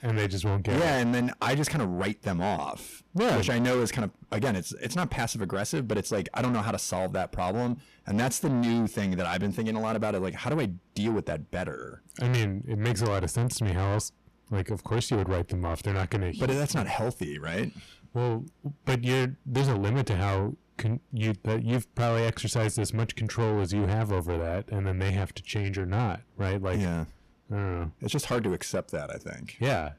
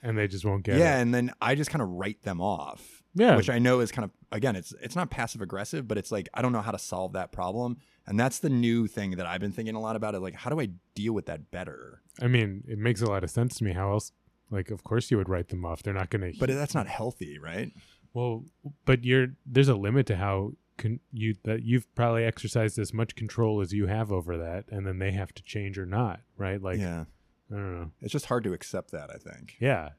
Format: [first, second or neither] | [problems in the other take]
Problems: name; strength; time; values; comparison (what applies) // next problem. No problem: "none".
second | distortion; heavy; 6 dB below the speech